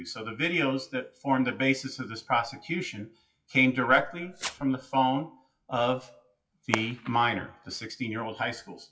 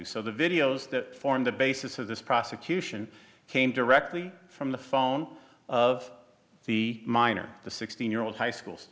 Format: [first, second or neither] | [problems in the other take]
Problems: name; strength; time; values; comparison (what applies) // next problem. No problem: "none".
second | noise reduction (classical method WPE with log-MMSE)